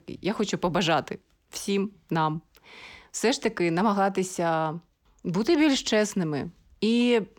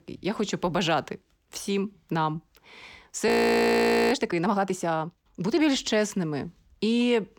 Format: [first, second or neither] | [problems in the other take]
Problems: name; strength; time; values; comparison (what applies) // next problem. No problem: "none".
first | audio freezing; at 3.5 s for 1 s